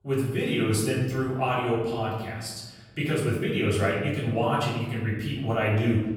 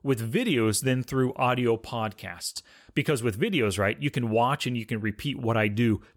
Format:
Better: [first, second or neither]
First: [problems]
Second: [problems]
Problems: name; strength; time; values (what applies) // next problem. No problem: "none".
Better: second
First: room echo; noticeable; dies away in 1.2 s // off-mic speech; far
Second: none